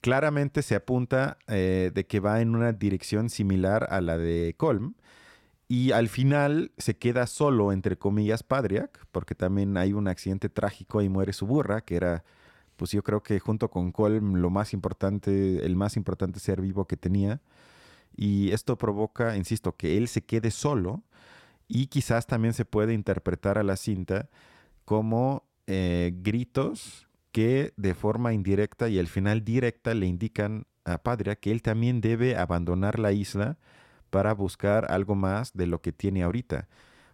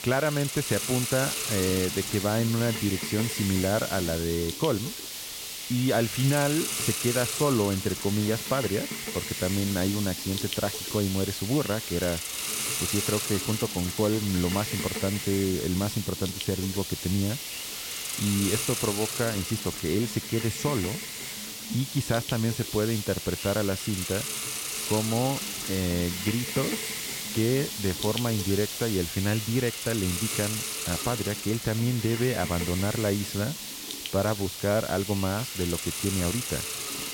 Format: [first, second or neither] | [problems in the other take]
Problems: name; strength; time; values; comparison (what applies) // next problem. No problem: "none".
first | hiss; loud; throughout; 3 dB below the speech